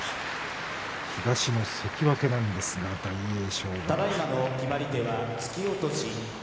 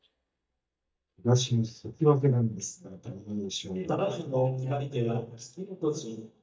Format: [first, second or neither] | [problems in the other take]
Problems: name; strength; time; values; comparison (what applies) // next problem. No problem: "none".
first | noise reduction (neural mask model DeepFilterNet 3)